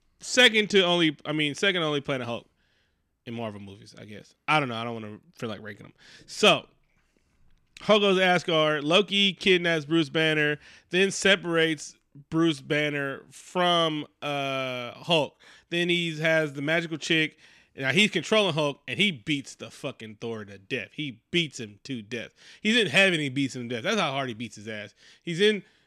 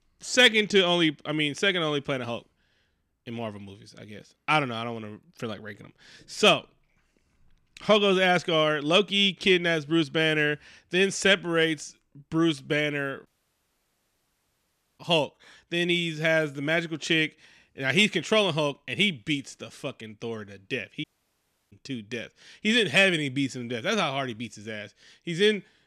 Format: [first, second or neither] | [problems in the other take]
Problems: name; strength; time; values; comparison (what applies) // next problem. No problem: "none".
first | audio cutting out; at 13 s for 1.5 s and at 21 s for 0.5 s